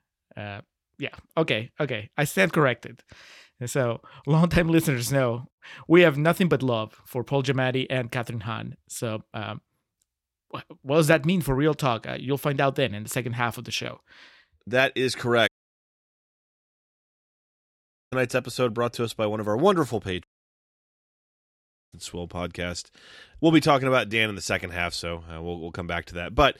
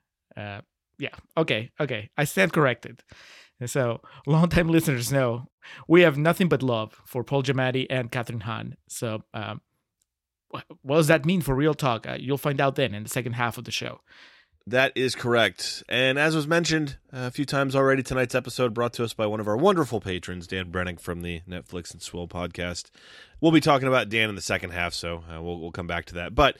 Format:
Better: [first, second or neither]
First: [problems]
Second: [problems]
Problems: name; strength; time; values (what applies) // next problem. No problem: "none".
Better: second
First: audio cutting out; at 15 s for 2.5 s and at 20 s for 1.5 s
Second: none